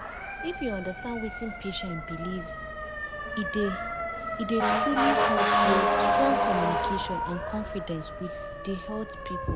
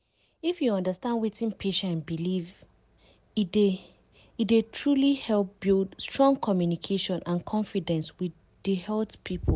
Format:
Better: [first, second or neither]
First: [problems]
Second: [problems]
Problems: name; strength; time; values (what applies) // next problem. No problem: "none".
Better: second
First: background sound (Motor vehicle (road) / Siren); 4 dB above the speech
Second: none